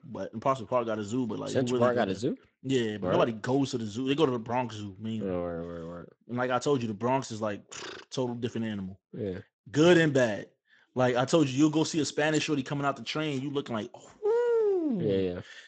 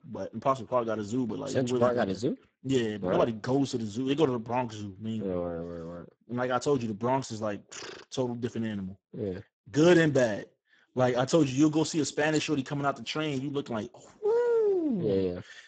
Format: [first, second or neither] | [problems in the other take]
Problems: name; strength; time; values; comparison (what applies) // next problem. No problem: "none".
first | garbled, watery; badly; nothing above 8 kHz; slightly in the first